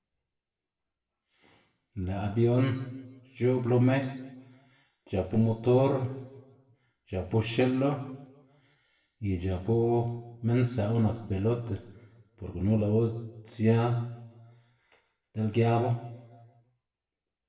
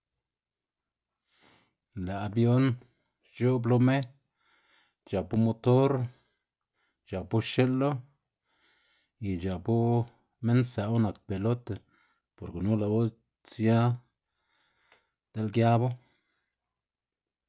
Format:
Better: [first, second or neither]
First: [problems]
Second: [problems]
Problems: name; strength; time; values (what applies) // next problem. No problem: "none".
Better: second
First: room echo; dies away in 0.8 s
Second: none